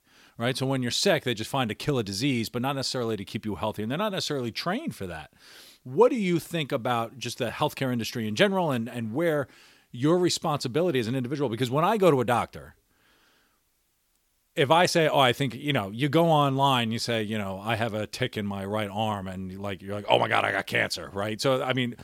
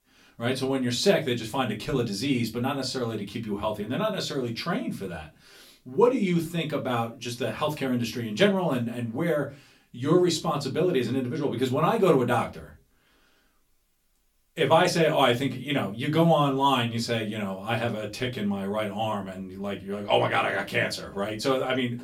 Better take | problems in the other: first | off-mic speech; far // room echo; very slight; dies away in 0.2 s

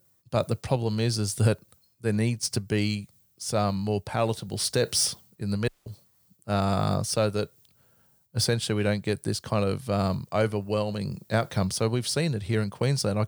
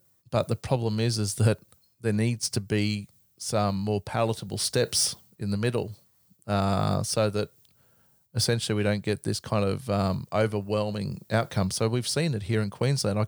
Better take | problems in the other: second | audio cutting out; at 5.5 s

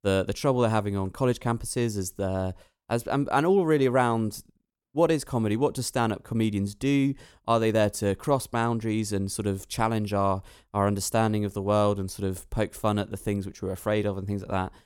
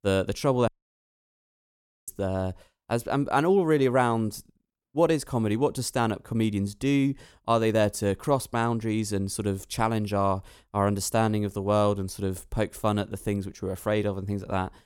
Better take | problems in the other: first | audio cutting out; at 0.5 s for 1.5 s

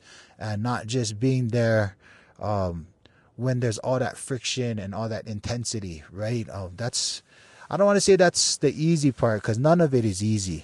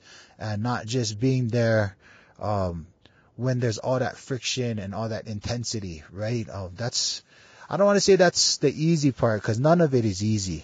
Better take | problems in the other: first | garbled, watery; badly; nothing above 7.5 kHz; slightly in the first

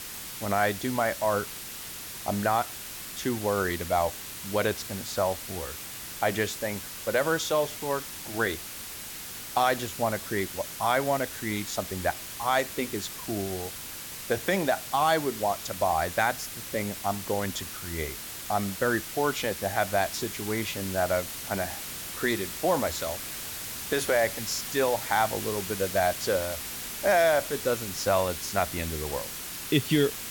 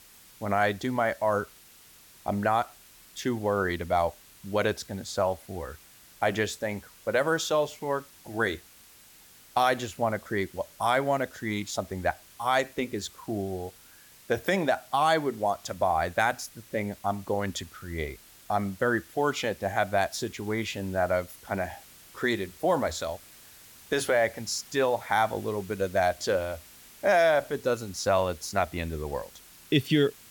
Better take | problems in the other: second | hiss; loud; throughout; 7 dB below the speech; faint in the second

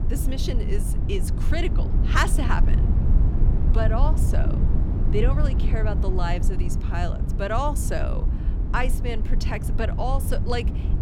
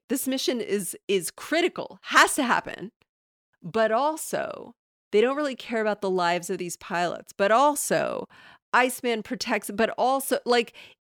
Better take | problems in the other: second | low rumble; loud; throughout; 8 dB below the speech

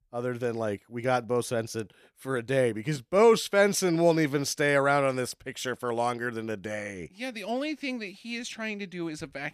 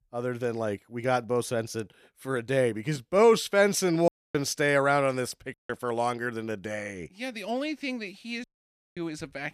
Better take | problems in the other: first | audio cutting out; at 4 s, at 5.5 s and at 8.5 s for 0.5 s

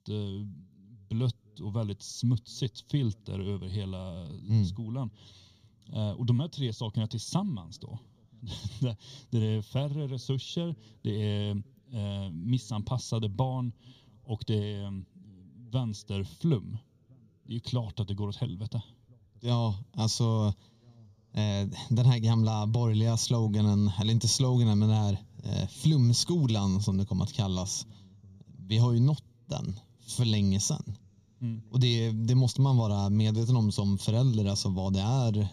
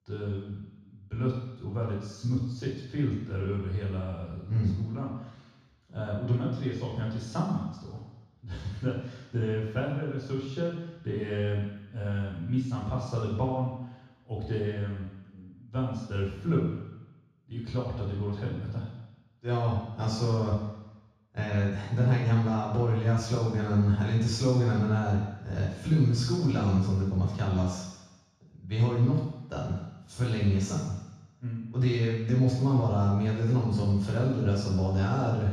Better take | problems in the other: first | room echo; strong; dies away in 1.1 s; slight in the first // off-mic speech; far

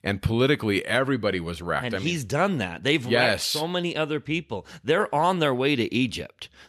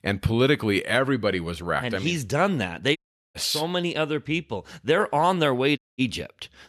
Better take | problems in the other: first | audio cutting out; at 3 s and at 6 s

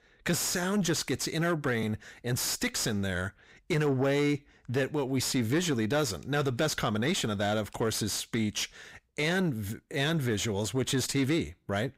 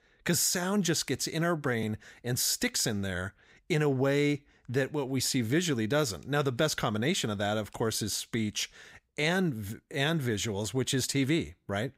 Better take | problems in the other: second | distortion; slight; 10 dB below the speech

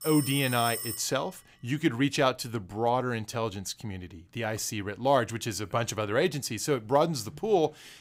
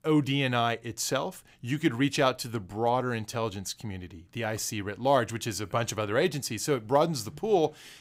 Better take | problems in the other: second | phone ringing; noticeable; until 1 s; peak 4 dB below the speech

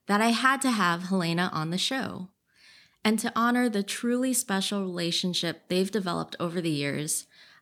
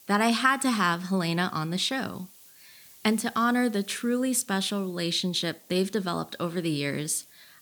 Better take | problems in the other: first | hiss; faint; throughout; 25 dB below the speech

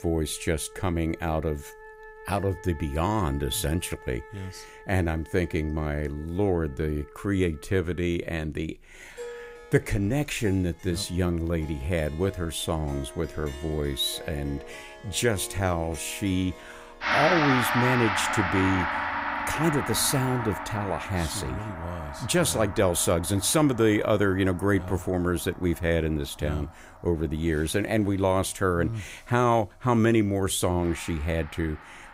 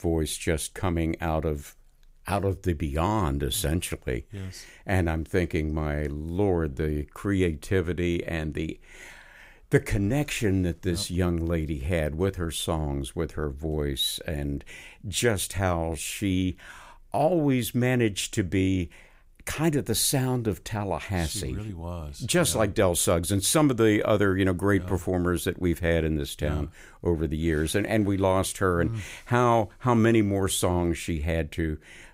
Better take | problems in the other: second | background music; loud; throughout; 6 dB below the speech

